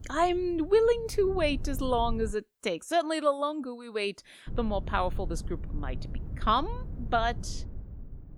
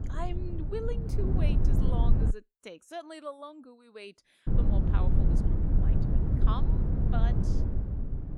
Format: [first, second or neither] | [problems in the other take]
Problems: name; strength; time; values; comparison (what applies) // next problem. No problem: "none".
first | low rumble; loud; until 2.5 s and from 4.5 s on; as loud as the speech; faint in the first